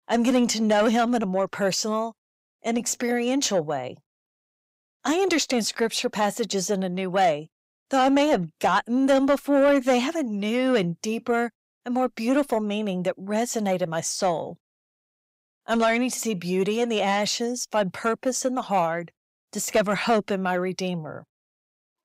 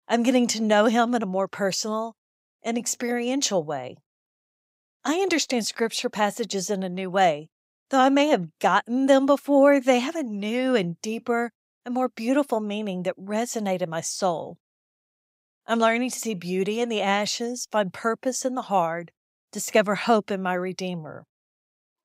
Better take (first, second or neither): second